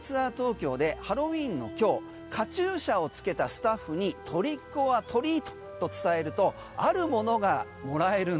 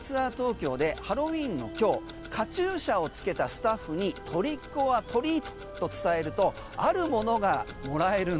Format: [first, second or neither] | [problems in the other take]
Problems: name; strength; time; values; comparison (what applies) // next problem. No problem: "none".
first | background sound (Tick-tock); 17 dB below the speech